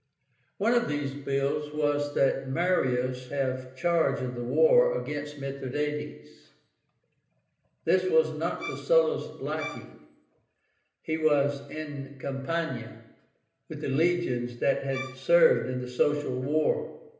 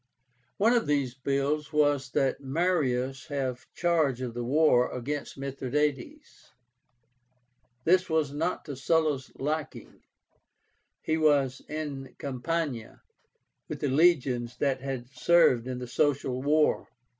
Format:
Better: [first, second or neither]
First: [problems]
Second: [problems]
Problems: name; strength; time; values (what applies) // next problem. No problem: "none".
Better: second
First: background sound (Bowed string instrument); 14 dB below the speech // room echo; dies away in 0.9 s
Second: none